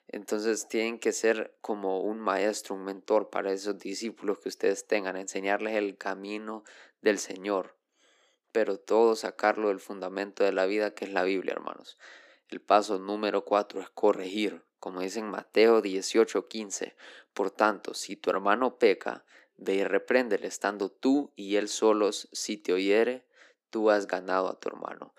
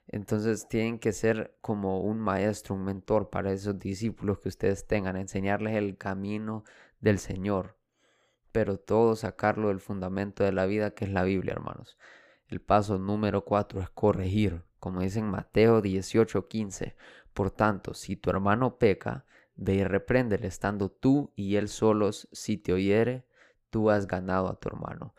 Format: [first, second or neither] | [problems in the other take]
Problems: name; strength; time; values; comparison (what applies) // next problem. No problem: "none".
second | thin; somewhat; fading below 250 Hz